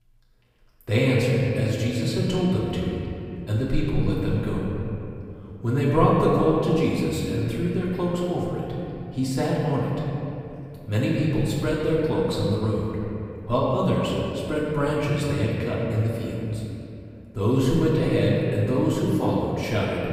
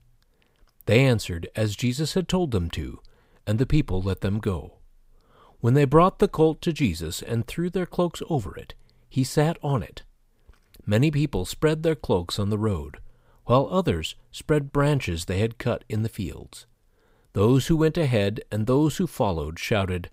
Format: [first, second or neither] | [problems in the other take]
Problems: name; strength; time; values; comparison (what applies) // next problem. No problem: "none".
second | off-mic speech; far // room echo; noticeable; dies away in 2.7 s